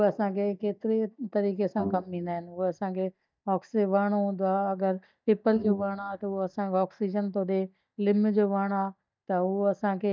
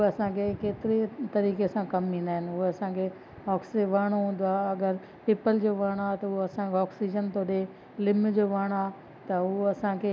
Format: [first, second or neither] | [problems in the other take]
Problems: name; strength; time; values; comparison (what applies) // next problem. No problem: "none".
second | noise reduction (neural mask model DeepFilterNet 3)